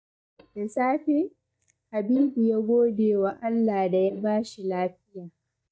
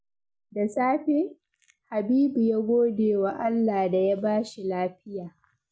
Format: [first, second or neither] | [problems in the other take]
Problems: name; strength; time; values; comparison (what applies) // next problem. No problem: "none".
second | noise reduction (neural mask model DeepFilterNet 3)